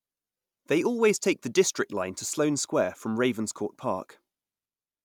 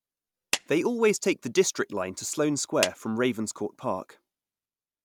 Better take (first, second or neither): first